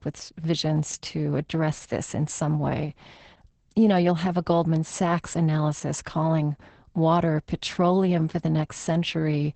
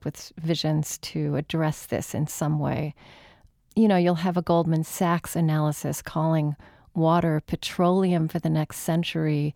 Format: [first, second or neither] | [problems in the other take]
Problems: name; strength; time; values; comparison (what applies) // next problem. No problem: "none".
second | garbled, watery; badly; nothing above 8 kHz